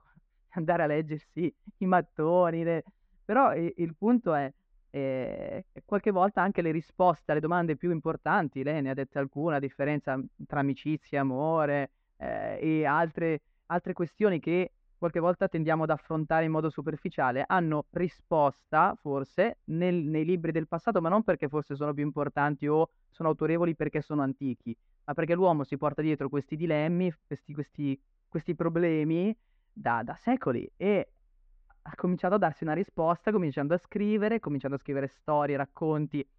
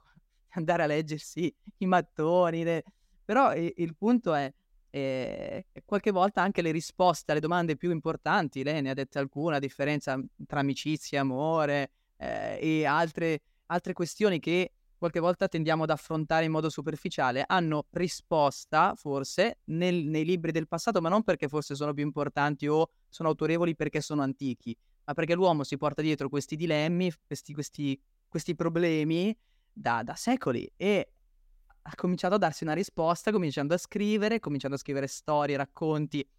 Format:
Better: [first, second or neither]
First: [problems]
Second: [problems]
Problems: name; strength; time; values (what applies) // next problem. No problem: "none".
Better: second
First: muffled; very; fading above 2 kHz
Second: none